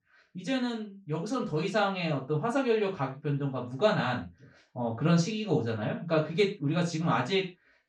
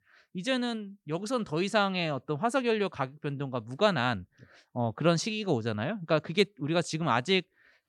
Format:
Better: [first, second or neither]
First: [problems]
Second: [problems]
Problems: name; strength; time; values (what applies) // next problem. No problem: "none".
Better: second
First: room echo; slight; dies away in 0.2 s // off-mic speech; far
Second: none